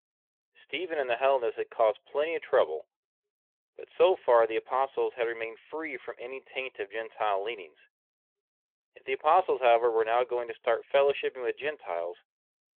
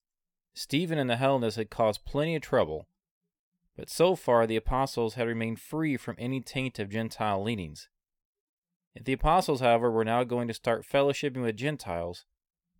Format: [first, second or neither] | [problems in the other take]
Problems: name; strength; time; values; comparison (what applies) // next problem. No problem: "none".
second | phone-call audio